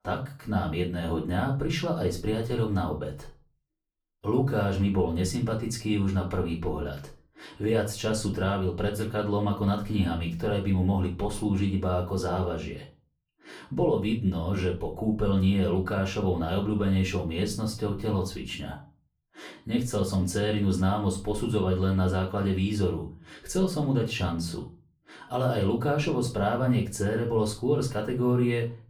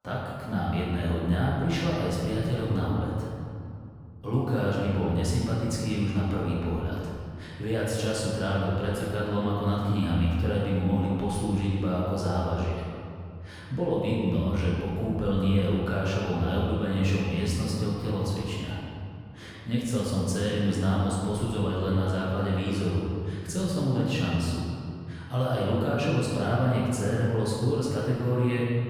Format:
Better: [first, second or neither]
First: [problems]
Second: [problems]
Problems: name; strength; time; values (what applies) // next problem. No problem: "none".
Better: first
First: room echo; slight; dies away in 0.3 s // off-mic speech; far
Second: room echo; strong; dies away in 2.4 s // off-mic speech; far